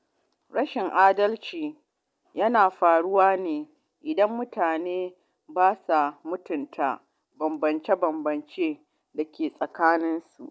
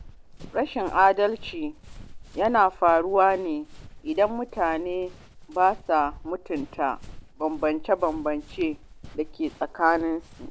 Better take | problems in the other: first | background sound (Run); 17 dB below the speech

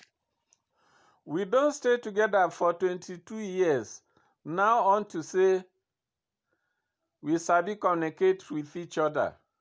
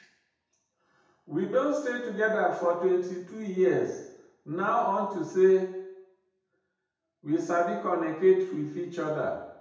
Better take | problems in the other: first | room echo; dies away in 0.8 s

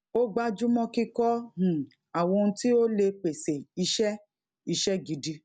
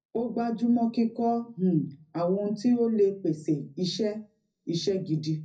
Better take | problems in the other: first | room echo; dies away in 0.4 s

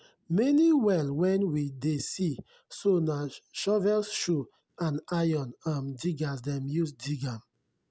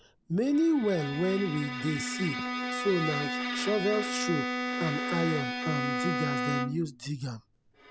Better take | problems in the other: first | background sound (Bowed string instrument); 3 dB below the speech

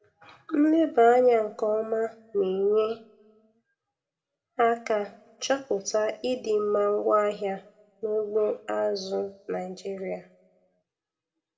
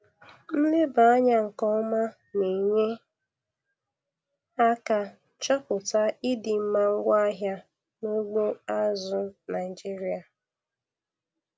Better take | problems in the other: second | room echo; dies away in 0.6 s

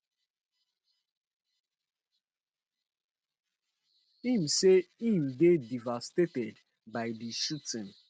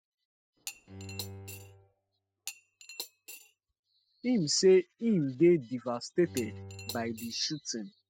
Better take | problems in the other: first | noise reduction (classical method spectral subtraction)

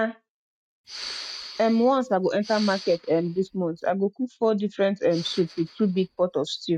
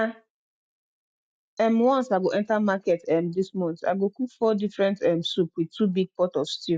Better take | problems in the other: second | noise reduction (neural mask model RNNoise)

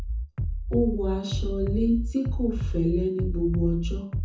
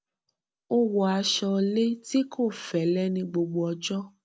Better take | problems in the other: second | background sound (Bass drum); 1 dB below the speech // room echo; dies away in 0.6 s

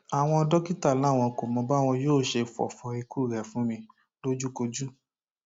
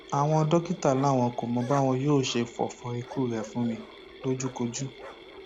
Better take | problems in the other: first | background sound (Bark + Mechanisms); 17 dB below the speech

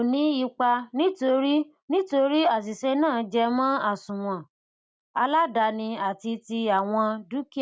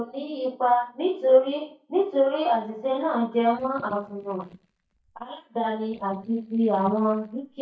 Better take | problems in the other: first | noise reduction (neural mask model DeepFilterNet 3)

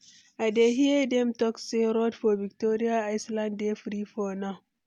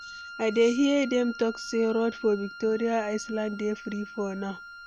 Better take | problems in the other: first | background sound (Wind instrument, woodwind instrument); 15 dB below the speech

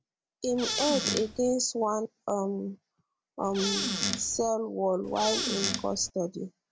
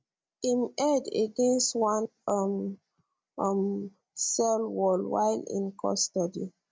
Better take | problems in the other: second | background sound (Squeak / Cupboard open or close); 2 dB below the speech

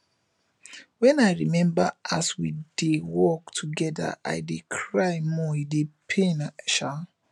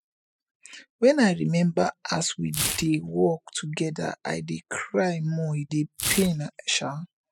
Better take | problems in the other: first | noise reduction (classical method spectral subtraction)

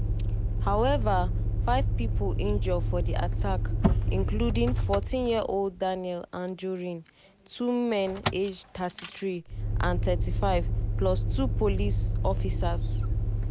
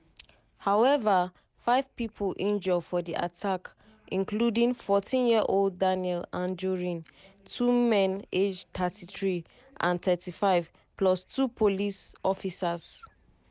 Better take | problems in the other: second | background sound (Motor vehicle (road)); 3 dB above the speech

